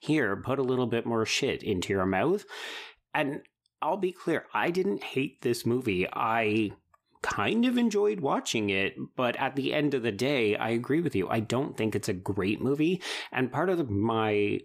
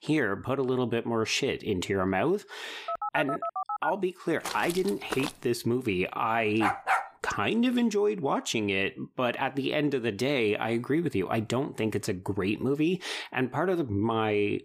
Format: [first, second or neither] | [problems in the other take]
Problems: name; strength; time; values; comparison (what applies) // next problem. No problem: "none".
first | phone ringing; noticeable; from 3 to 4 s; peak 4 dB below the speech // footsteps; noticeable; at 4.5 s; peak 7 dB below the speech // dog barking; loud; at 6.5 s; peak 2 dB above the speech